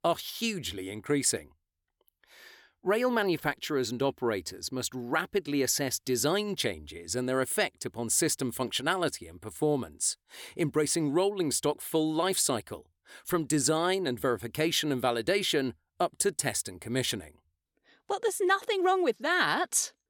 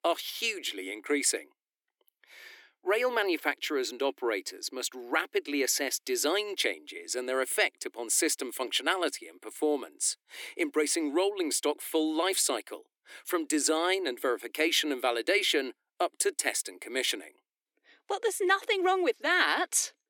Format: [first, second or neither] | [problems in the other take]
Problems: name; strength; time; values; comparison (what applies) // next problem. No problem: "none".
first | thin; very slightly; fading below 300 Hz